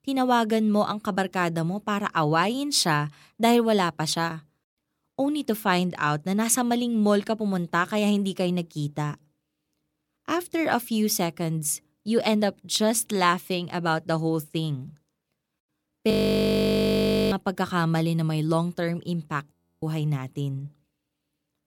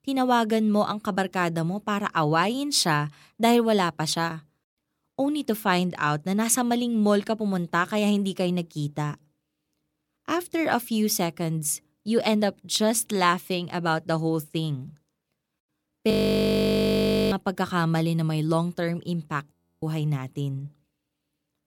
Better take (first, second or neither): neither